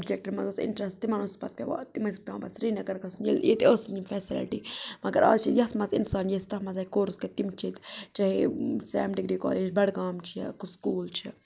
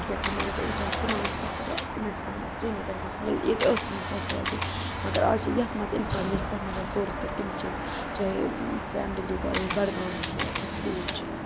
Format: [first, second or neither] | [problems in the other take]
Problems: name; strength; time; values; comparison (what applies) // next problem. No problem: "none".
first | background sound (Car passing by / Traffic noise, roadway noise / Engine + Camera); 1 dB below the speech